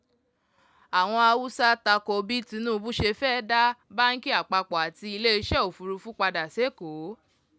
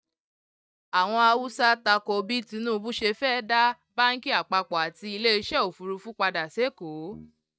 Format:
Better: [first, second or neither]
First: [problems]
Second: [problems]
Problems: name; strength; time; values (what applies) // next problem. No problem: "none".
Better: first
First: none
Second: noise reduction (neural mask model DeepFilterNet 3)